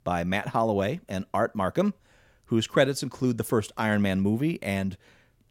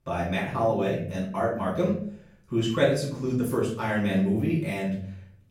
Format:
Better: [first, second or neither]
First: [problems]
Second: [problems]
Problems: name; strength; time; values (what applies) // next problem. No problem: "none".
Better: first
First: none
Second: off-mic speech; far // room echo; noticeable; dies away in 0.5 s